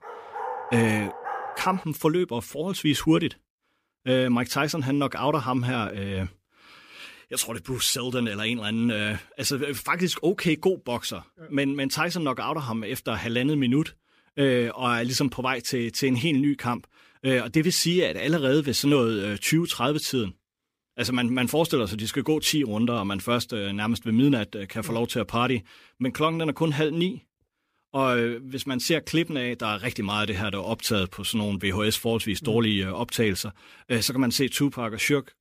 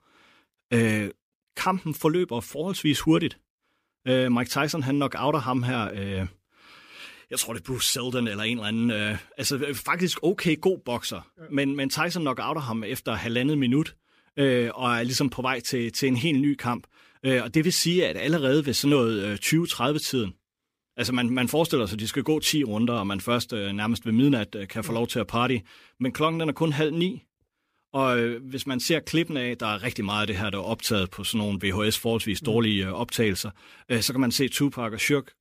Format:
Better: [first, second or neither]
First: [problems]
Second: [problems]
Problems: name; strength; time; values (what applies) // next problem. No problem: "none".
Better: second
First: dog barking; noticeable; until 2 s; peak 7 dB below the speech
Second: none